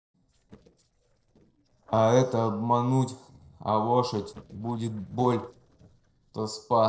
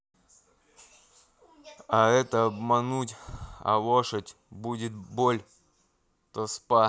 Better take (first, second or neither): second